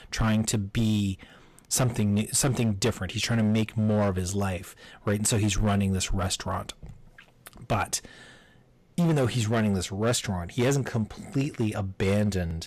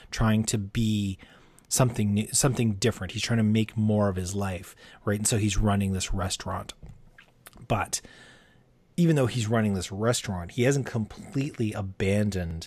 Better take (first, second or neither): second